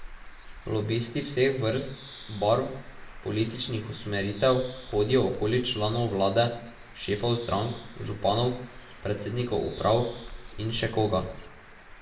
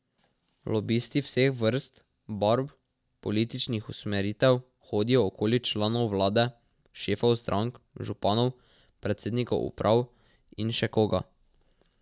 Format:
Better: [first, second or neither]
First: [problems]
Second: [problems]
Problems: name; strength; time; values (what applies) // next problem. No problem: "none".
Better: second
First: background sound (Bird); 15 dB below the speech // room echo; dies away in 0.6 s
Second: none